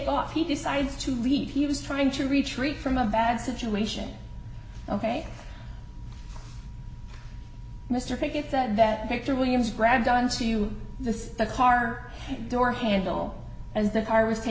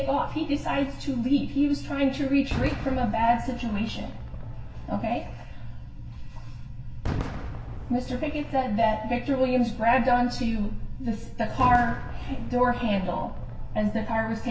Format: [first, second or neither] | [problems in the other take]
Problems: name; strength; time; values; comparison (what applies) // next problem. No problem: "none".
first | background sound (Fireworks); 12 dB below the speech // room echo; dies away in 0.1 s